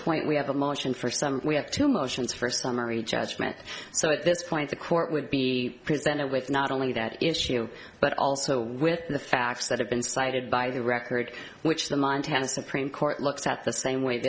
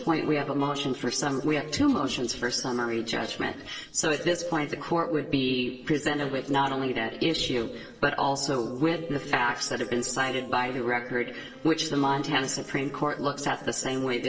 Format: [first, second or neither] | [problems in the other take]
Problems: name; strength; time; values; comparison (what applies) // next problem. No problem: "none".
first | noise reduction (neural separator model SepFormer DNS4)